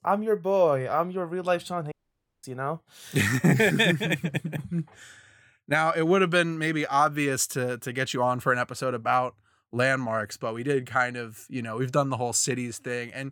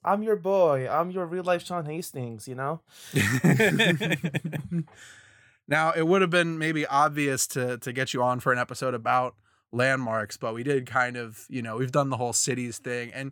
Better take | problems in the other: second | audio cutting out; at 2 s for 0.5 s

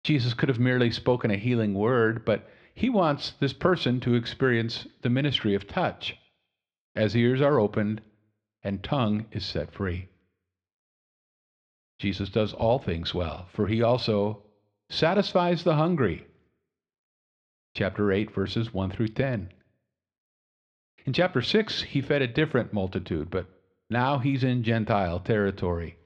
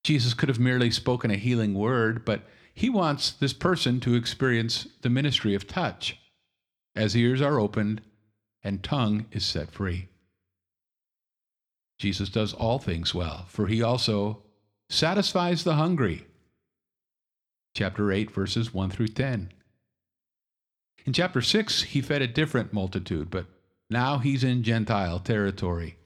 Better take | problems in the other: second | muffled; slightly; fading above 3 kHz

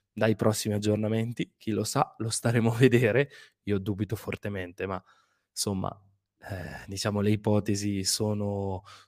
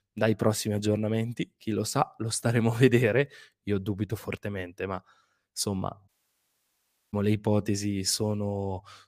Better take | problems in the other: first | audio cutting out; at 6 s for 1 s

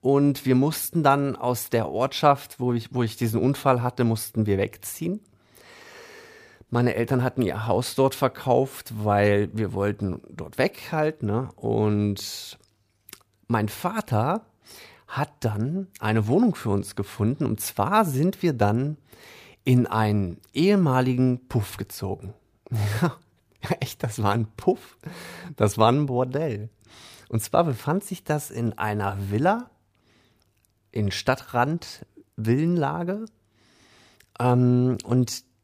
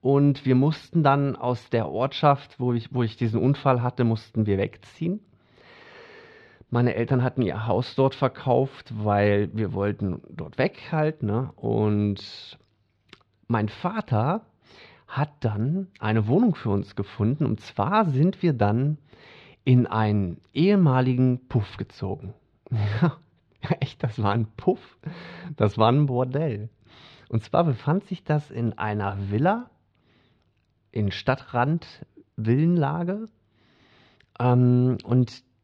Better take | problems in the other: first | muffled; very slightly; fading above 4 kHz

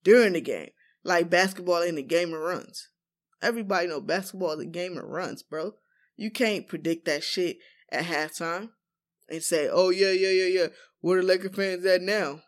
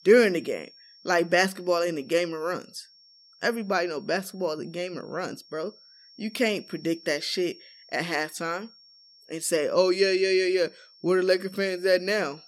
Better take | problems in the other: first | high-pitched whine; faint; throughout; 5.5 kHz, 25 dB below the speech

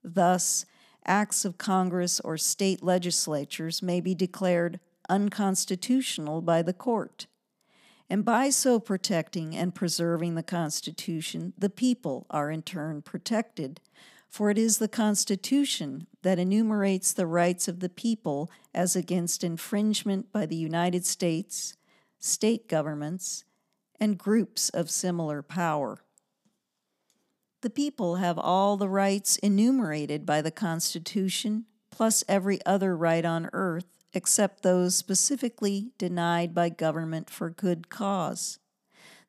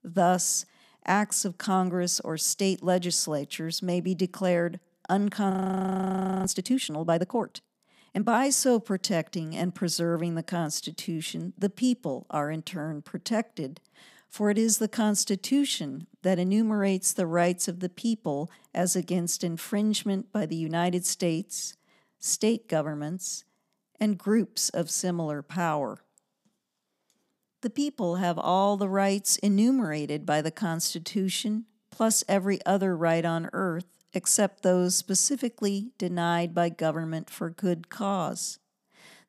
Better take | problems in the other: first | audio freezing; at 5.5 s for 1 s

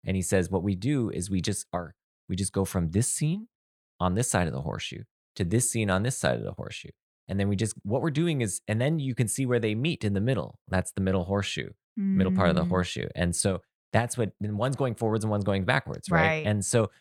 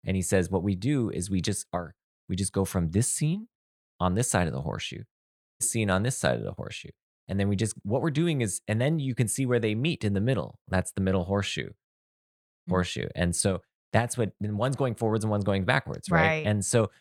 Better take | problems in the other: first | audio cutting out; at 5.5 s and at 12 s for 0.5 s

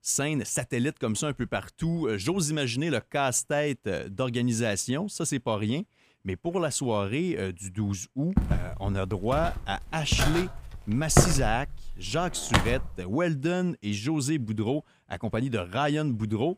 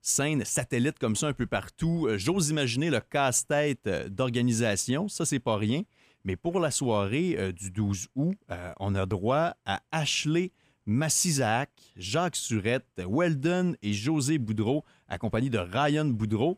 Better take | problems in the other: second | footsteps; loud; from 8.5 to 13 s; peak 5 dB above the speech

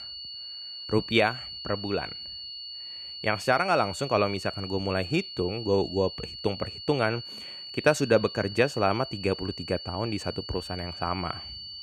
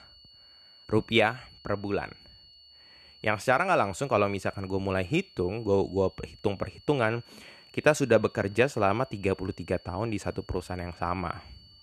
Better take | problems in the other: second | high-pitched whine; loud; throughout; 4.5 kHz, 9 dB below the speech; faint in the second

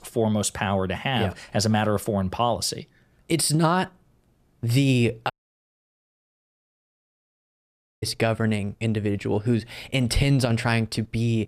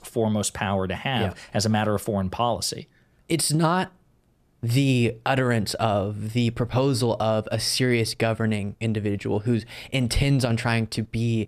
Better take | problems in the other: second | audio cutting out; at 5.5 s for 2.5 s

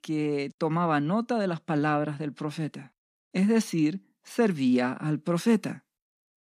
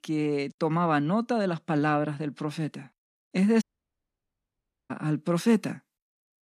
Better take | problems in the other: first | audio cutting out; at 3.5 s for 1.5 s

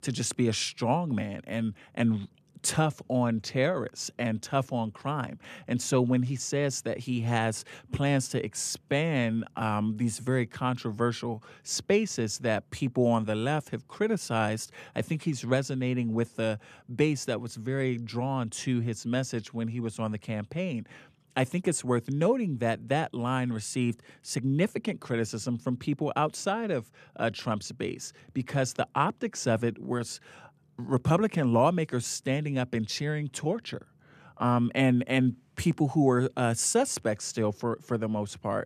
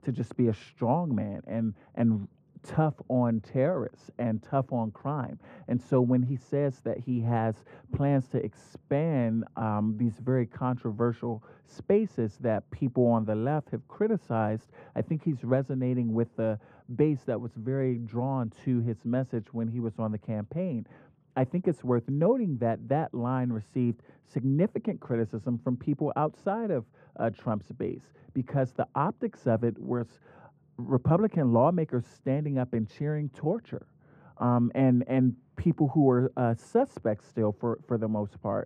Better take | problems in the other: first | muffled; very; fading above 2.5 kHz

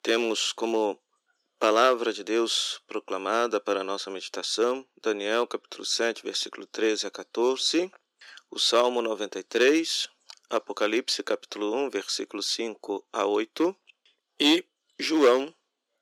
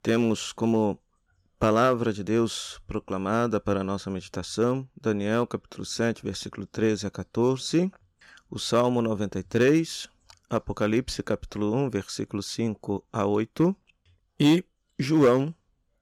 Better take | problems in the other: second | thin; somewhat; fading below 300 Hz

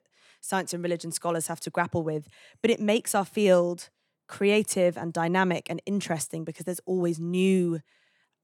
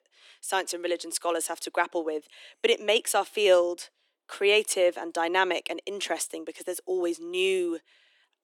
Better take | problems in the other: first | thin; very; fading below 300 Hz

